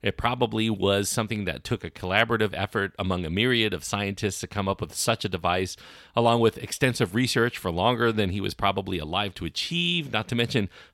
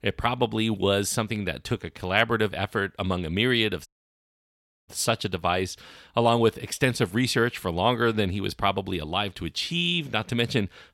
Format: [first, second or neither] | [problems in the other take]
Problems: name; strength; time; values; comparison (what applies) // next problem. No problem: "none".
first | audio cutting out; at 4 s for 1 s